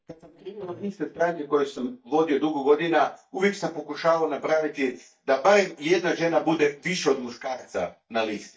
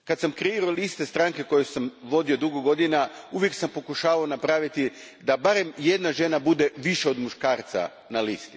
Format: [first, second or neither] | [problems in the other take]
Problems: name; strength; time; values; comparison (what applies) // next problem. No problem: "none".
second | noise reduction (neural mask model DeepFilterNet 3)